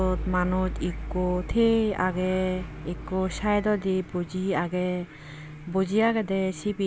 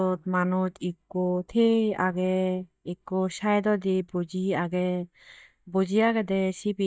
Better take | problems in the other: first | noise reduction (neural mask model DeepFilterNet 3)

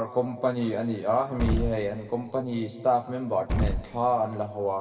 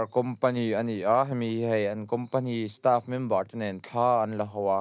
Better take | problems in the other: second | background sound (Explosion); 3 dB below the speech // room echo; dies away in 2.1 s

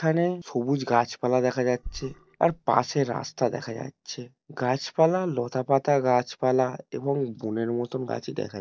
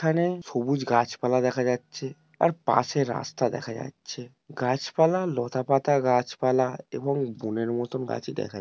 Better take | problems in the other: second | noise reduction (neural mask model DeepFilterNet 3)

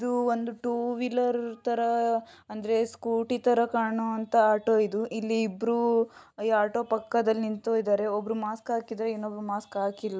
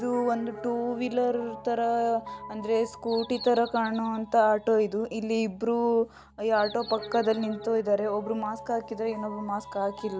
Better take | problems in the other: first | background sound (Bird vocalization, bird call, bird song + Piano); 16 dB below the speech

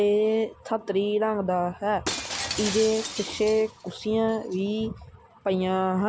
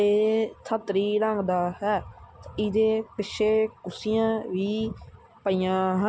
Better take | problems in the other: second | background sound (Shatter); 12 dB below the speech

